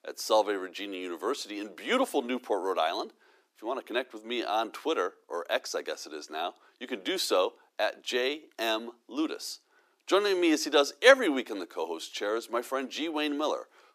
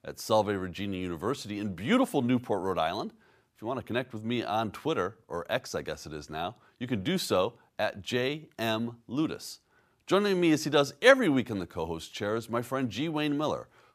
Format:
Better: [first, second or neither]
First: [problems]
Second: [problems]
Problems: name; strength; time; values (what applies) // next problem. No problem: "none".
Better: second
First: thin; somewhat; fading below 300 Hz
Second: none